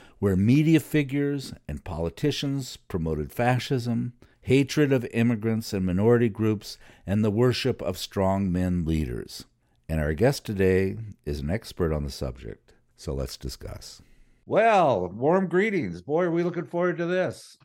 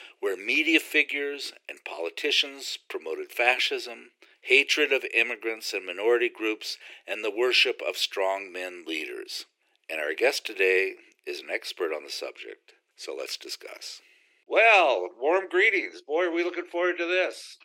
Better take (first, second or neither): first